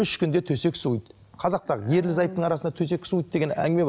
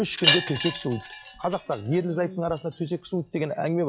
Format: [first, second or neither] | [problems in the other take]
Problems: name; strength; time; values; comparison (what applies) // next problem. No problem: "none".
first | noise reduction (classical method log-MMSE)